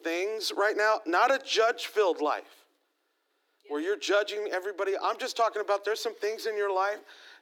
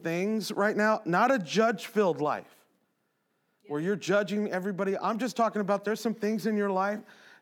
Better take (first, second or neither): second